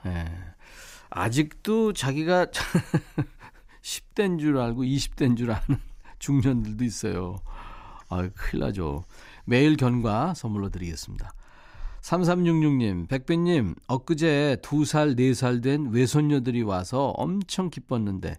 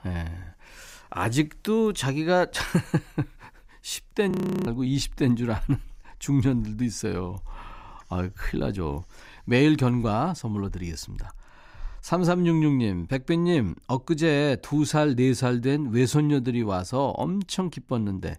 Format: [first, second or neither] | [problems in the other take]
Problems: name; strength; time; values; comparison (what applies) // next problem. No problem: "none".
first | audio freezing; at 4.5 s